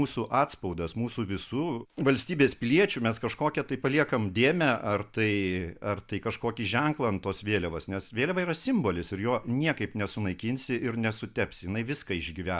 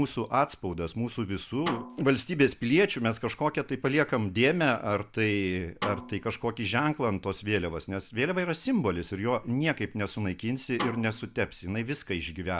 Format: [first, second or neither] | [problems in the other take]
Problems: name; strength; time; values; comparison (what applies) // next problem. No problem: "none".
first | background sound (Snare drum); 13 dB below the speech